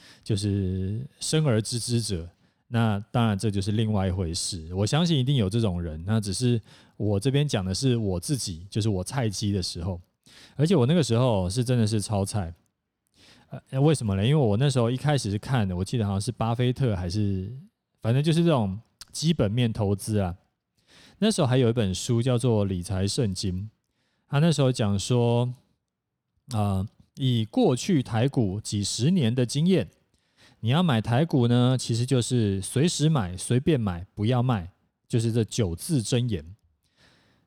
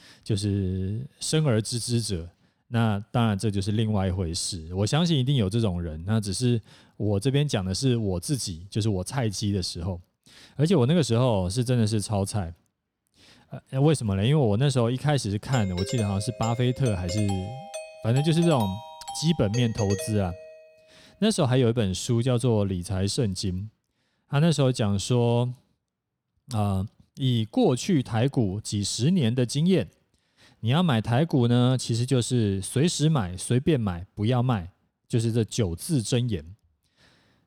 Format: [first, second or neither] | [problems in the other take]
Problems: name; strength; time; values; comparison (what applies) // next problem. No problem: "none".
first | doorbell; noticeable; from 16 to 21 s; peak 9 dB below the speech